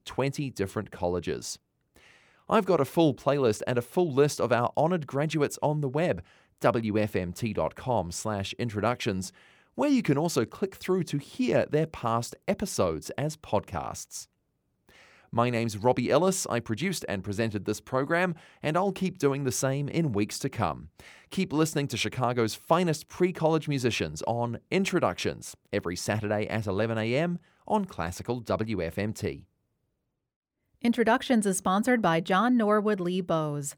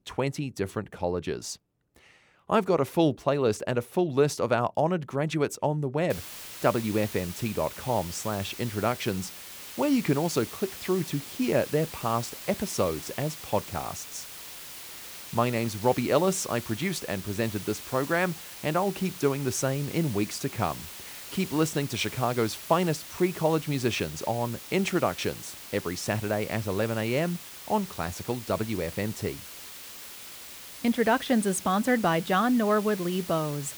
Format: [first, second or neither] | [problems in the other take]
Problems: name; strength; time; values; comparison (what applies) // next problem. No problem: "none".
first | hiss; noticeable; from 6 s on; 10 dB below the speech